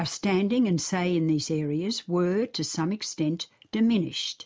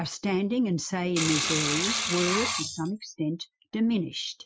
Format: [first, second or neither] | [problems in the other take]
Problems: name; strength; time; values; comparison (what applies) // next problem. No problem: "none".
first | noise reduction (classical method Wiener filter)